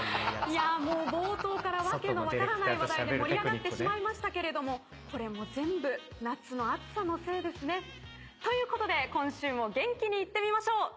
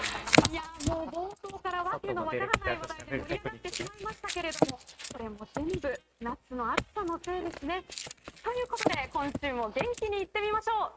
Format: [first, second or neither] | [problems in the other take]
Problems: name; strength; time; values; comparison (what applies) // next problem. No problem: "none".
first | noise reduction (neural mask model RNNoise)